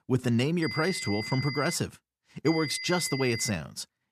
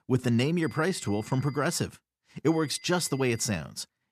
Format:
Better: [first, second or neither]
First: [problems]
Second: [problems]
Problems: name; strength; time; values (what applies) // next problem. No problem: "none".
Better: second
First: high-pitched whine; loud; from 0.5 to 2 s and from 2.5 to 3.5 s; 2 kHz, 7 dB below the speech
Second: high-pitched whine; faint; from 0.5 to 2 s and from 2.5 to 3.5 s; 2 kHz, 25 dB below the speech